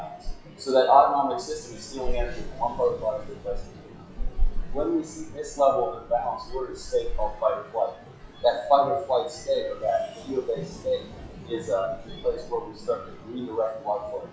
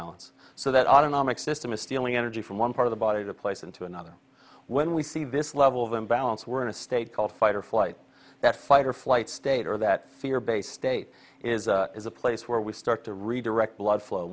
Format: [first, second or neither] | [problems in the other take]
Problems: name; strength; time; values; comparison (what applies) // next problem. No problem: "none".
second | noise reduction (classical method WPE with log-MMSE)